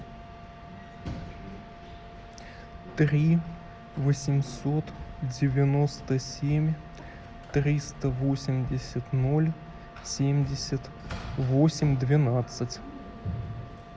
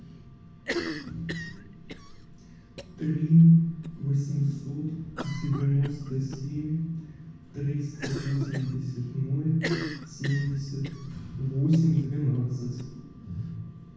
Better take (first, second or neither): first